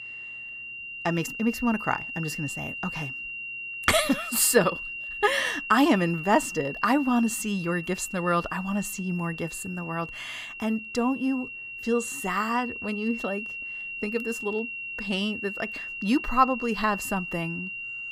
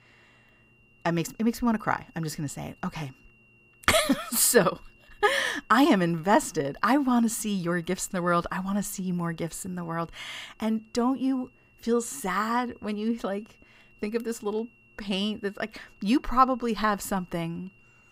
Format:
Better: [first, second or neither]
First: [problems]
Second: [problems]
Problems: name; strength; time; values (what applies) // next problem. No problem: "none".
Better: second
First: high-pitched whine; loud; throughout; 2.5 kHz, 7 dB below the speech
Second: high-pitched whine; faint; throughout; 2.5 kHz, 30 dB below the speech